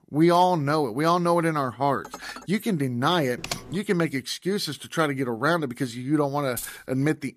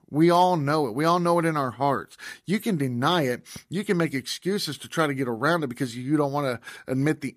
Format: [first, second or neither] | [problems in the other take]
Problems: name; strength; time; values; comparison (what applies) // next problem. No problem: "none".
second | clattering dishes; faint; at 2 s; peak 15 dB below the speech // keyboard typing; noticeable; at 3.5 s; peak 9 dB below the speech // jangling keys; noticeable; at 6.5 s; peak 10 dB below the speech